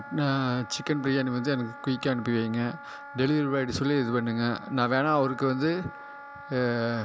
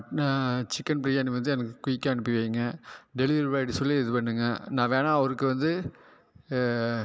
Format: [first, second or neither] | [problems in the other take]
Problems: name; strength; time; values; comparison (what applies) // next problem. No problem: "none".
second | background sound (Wind instrument, woodwind instrument); 16 dB below the speech